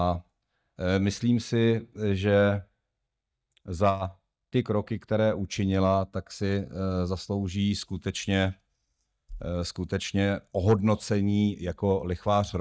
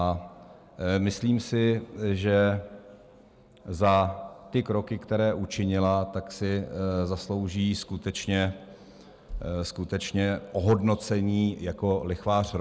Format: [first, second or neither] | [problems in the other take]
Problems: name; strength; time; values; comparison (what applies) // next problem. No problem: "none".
second | noise reduction (neural mask model DeepFilterNet 3)